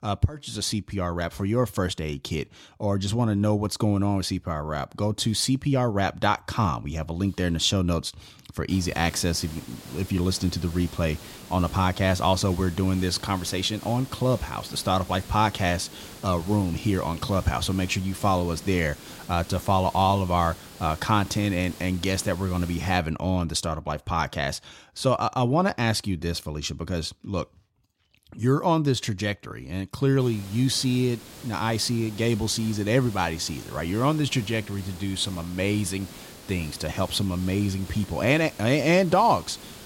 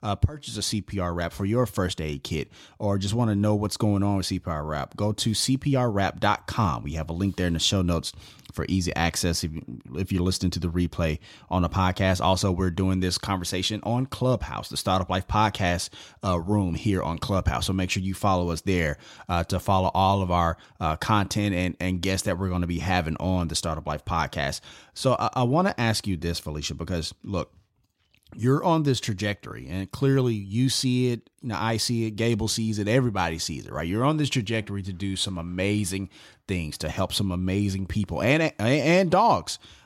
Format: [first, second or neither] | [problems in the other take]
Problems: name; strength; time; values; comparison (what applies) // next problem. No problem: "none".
second | hiss; noticeable; from 8.5 to 23 s and from 30 s on; 15 dB below the speech